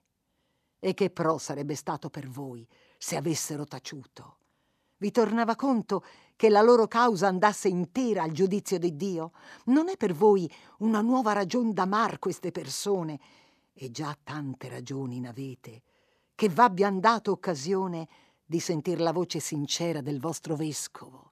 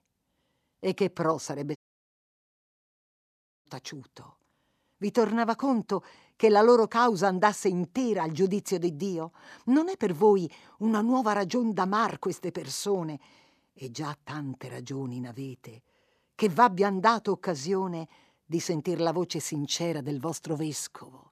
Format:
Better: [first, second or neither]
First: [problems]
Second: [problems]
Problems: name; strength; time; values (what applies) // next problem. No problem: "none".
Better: first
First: none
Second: audio cutting out; at 2 s for 2 s